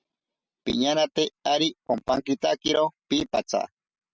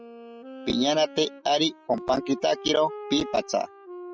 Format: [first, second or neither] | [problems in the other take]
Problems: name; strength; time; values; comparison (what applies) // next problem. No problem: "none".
first | noise reduction (classical method log-MMSE)